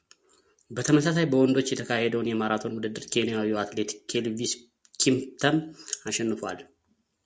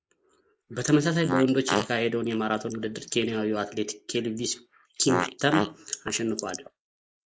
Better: first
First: none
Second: noise reduction (neural mask model Resemble Enhance denoiser)

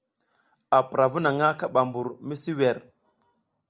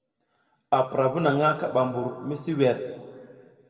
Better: first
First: none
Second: room echo; dies away in 1.6 s

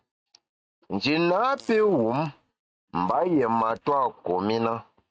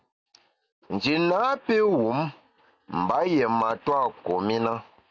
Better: second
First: noise reduction (neural mask model RNNoise)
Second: none

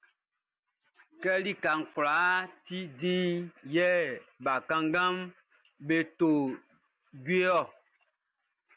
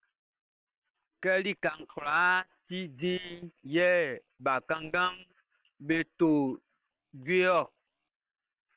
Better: first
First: none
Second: noise reduction (neural separator model SepFormer WHAM!)

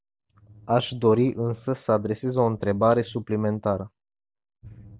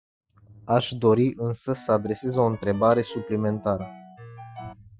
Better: first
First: none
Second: noise reduction (classical method Wiener filter)

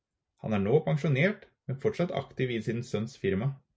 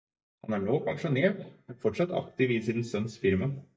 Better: first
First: none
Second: noise reduction (neural mask model DeepFilterNet 3)

